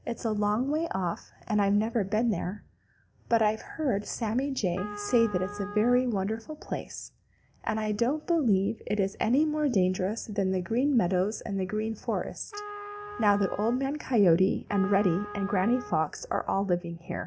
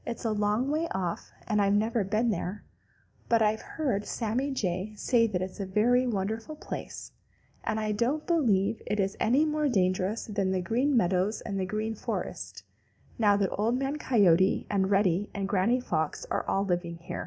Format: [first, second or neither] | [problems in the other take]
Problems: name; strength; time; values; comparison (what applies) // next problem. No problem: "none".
second | background sound (Trumpet); 14 dB below the speech